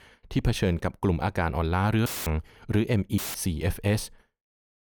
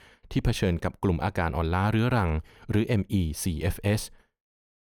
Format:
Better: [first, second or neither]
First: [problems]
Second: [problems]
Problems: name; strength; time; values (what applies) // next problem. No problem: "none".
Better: second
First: audio cutting out; filled with static; at 2 s and at 3 s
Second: none